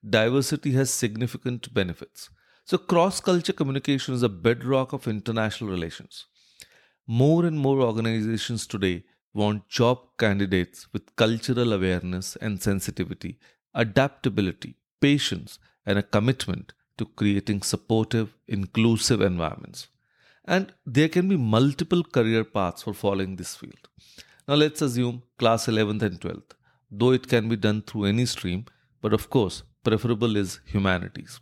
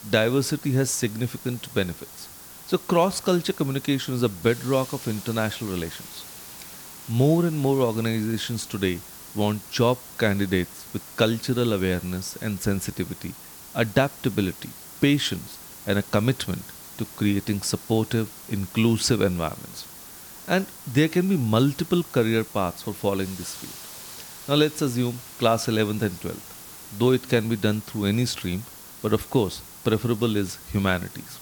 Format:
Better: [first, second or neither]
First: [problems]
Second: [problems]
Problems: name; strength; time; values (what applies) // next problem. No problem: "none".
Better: first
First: none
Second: hiss; noticeable; throughout; 15 dB below the speech